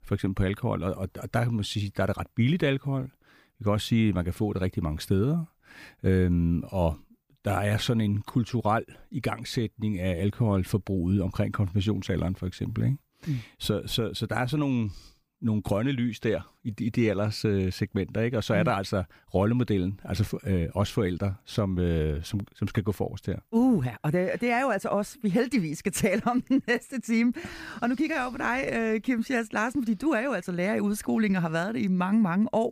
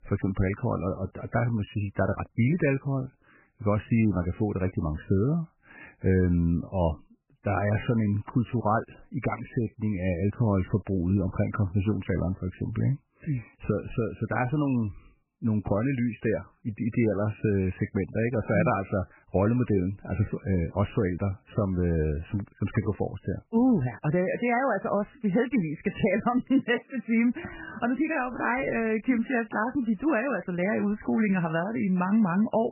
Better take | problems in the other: first | garbled, watery; badly; nothing above 3 kHz

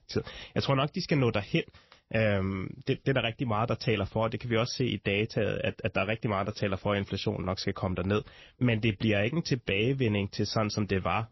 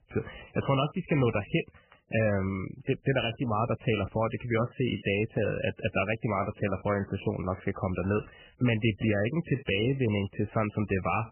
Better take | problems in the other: first | garbled, watery; badly; nothing above 3 kHz; slightly in the first

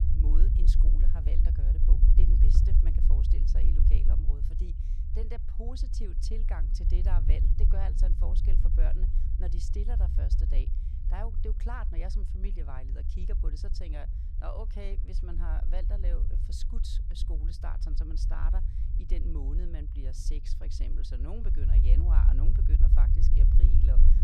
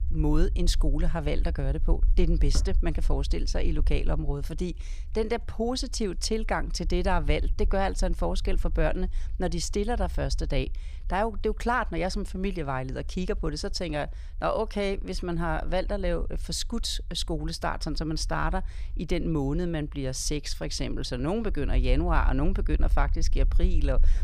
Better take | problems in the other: second | low rumble; loud; throughout; 2 dB below the speech; faint in the second

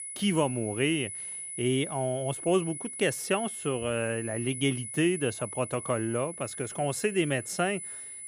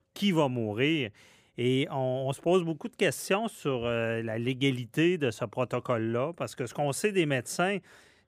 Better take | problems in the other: second | high-pitched whine; loud; throughout; 10 kHz, 8 dB below the speech

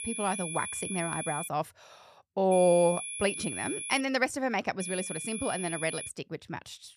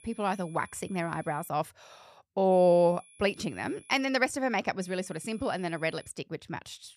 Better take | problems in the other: second | high-pitched whine; loud; until 1.5 s, from 2.5 to 4 s and from 5 to 6 s; 10.5 kHz, 6 dB below the speech; faint in the second

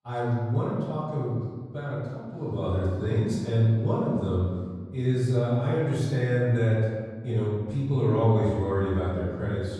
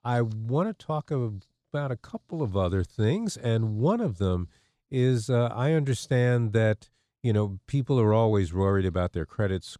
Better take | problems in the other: second | room echo; strong; dies away in 1.5 s // off-mic speech; far

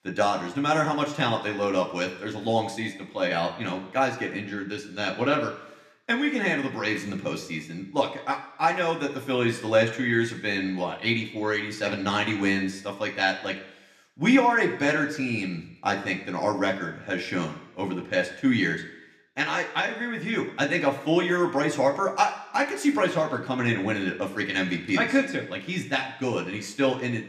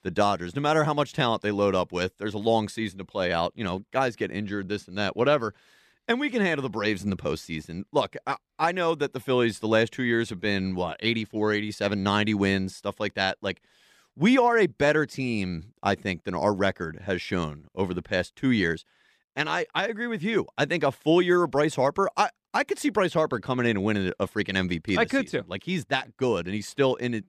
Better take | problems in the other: second | room echo; slight; dies away in 0.7 s

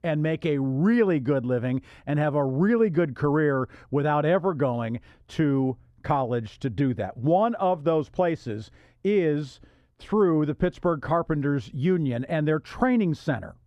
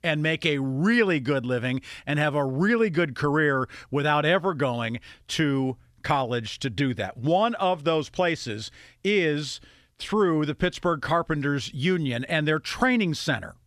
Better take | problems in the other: second | muffled; slightly; fading above 1.5 kHz

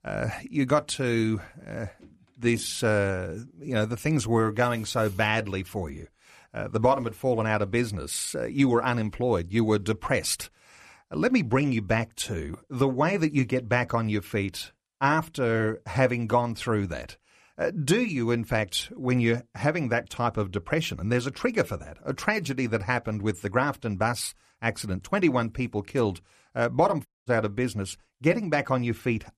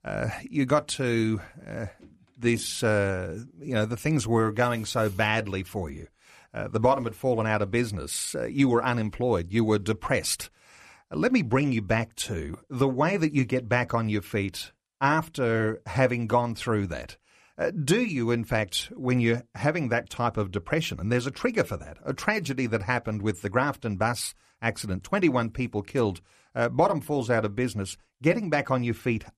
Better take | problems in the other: second | audio cutting out; at 27 s

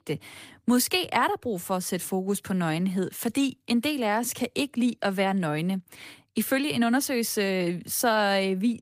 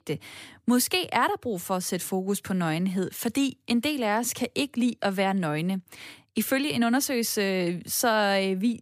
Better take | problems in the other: second | garbled, watery; slightly; nothing above 15 kHz

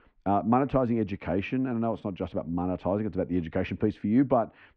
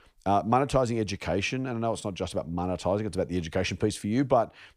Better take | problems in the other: second | muffled; very; fading above 2.5 kHz

